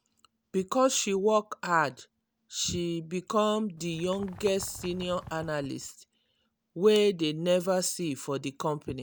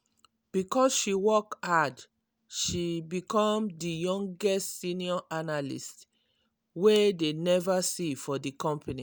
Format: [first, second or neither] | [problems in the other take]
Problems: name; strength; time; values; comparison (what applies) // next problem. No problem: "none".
second | background sound (Bird); 18 dB below the speech